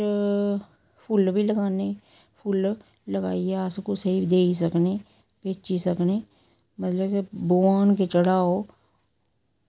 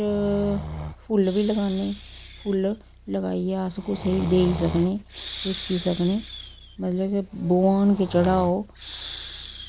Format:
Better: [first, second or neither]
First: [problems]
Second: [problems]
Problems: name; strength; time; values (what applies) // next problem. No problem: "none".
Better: first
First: none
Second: background sound (Breathing); 12 dB below the speech